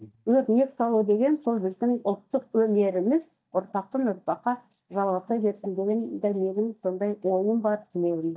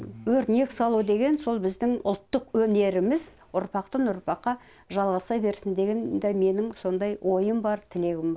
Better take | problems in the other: second | noise reduction (neural mask model DeepFilterNet 3)

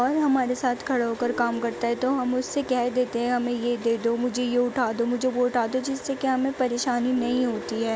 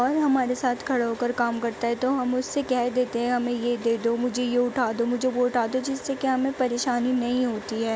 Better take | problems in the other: second | background sound (Guitar); 18 dB below the speech

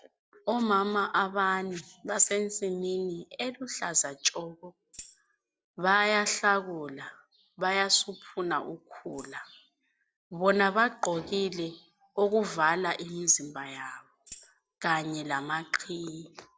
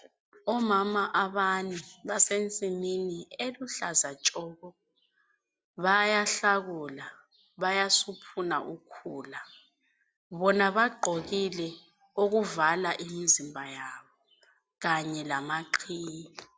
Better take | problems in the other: second | noise reduction (neural separator model SepFormer DNS4)

